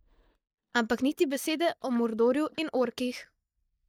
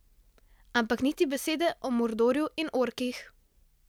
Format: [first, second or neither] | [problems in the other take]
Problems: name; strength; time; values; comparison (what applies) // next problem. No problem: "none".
second | noise reduction (neural mask model DeepFilterNet 3)